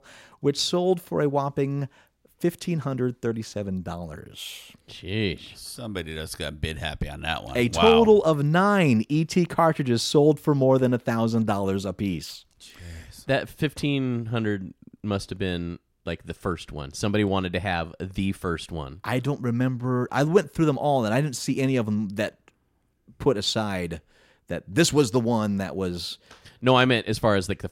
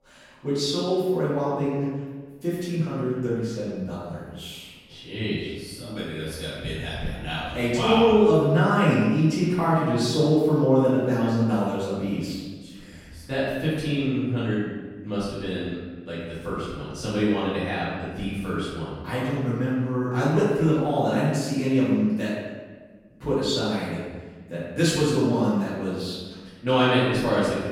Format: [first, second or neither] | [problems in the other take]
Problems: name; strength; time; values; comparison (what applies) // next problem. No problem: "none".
first | room echo; strong; dies away in 1.1 s // off-mic speech; far